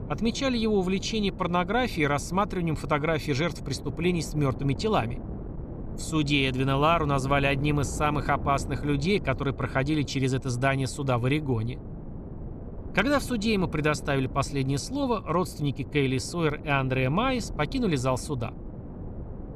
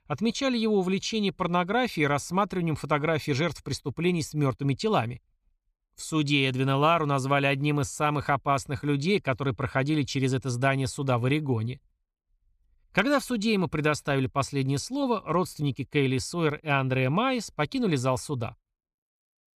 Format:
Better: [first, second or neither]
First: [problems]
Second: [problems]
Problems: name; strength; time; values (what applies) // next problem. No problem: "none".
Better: second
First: wind noise on the microphone; occasional gusts; 15 dB below the speech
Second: none